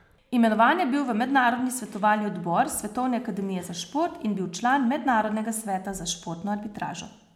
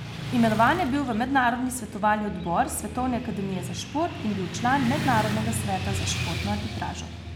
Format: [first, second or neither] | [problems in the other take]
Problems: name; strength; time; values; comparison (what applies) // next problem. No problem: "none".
first | background sound (Motorcycle / Traffic noise, roadway noise); 6 dB below the speech